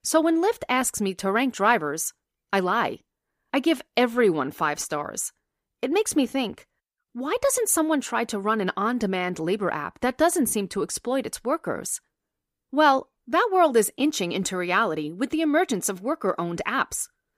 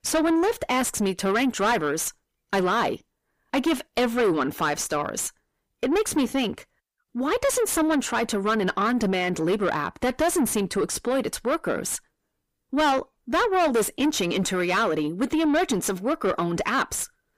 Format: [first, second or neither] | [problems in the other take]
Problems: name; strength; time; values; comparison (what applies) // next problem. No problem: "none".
first | distortion; heavy; 7 dB below the speech